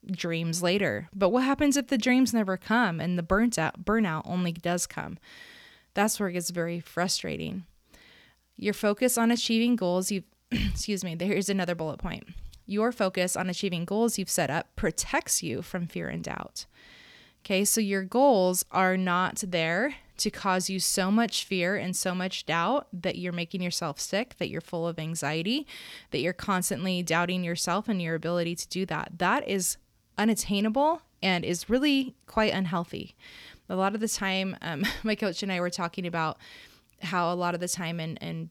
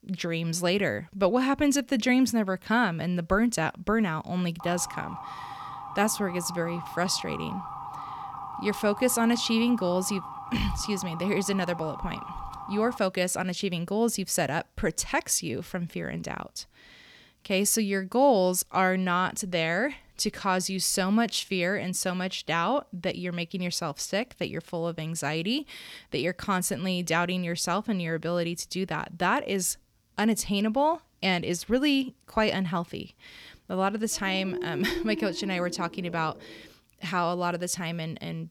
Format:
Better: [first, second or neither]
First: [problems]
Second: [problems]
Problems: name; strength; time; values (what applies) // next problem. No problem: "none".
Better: first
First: none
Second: siren; faint; from 4.5 to 13 s; peak 10 dB below the speech // dog barking; noticeable; from 34 to 37 s; peak 6 dB below the speech